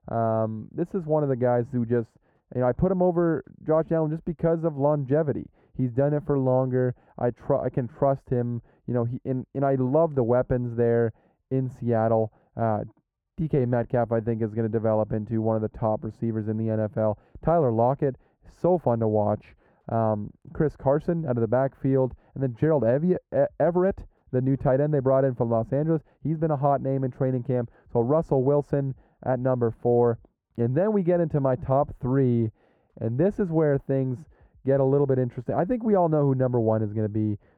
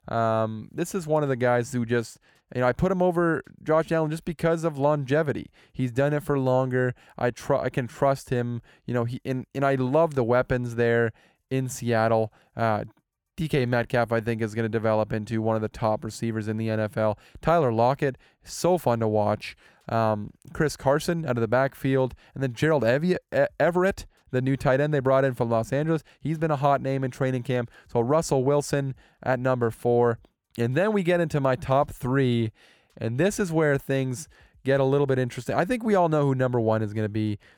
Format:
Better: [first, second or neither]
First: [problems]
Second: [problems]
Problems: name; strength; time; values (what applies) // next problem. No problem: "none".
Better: second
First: muffled; very; fading above 2 kHz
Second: none